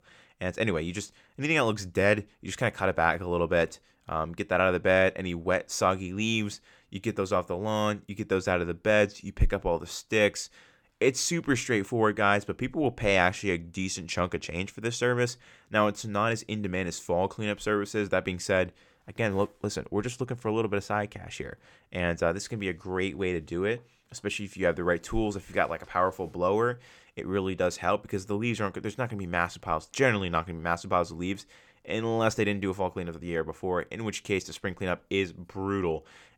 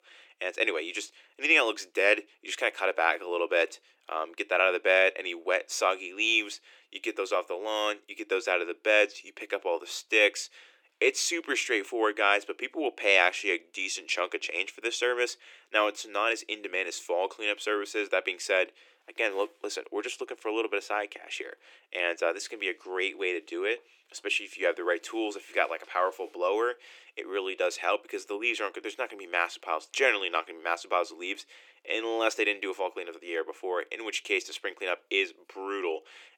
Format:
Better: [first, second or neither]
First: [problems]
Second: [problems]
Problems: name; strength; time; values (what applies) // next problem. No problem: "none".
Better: first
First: none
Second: thin; very; fading below 350 Hz